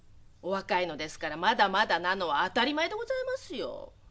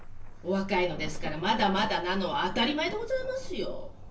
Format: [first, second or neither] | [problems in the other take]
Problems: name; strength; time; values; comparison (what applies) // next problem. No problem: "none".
first | background sound (Thunder); 18 dB below the speech // room echo; dies away in 0.3 s